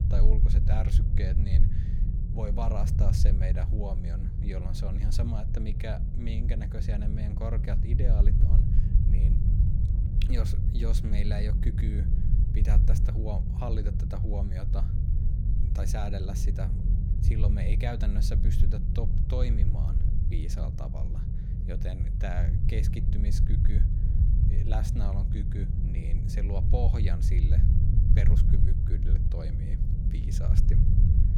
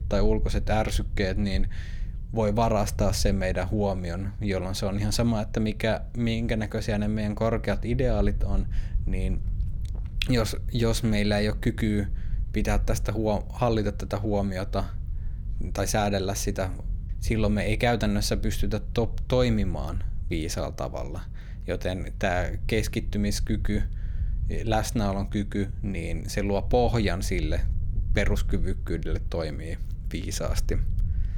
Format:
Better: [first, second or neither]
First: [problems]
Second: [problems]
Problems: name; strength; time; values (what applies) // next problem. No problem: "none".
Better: second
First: low rumble; loud; throughout; 2 dB below the speech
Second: low rumble; faint; throughout; 20 dB below the speech